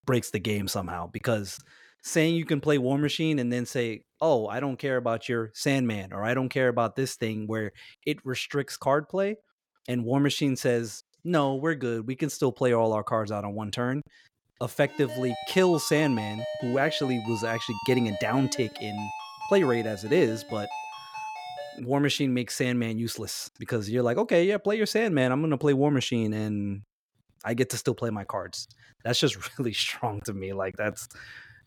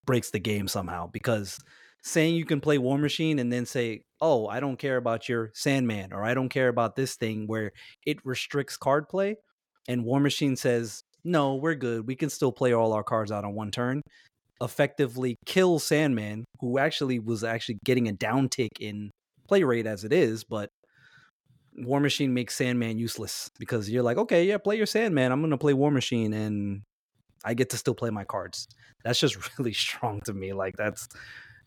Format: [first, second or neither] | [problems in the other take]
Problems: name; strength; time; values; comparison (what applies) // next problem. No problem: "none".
second | phone ringing; noticeable; from 15 to 22 s; peak 8 dB below the speech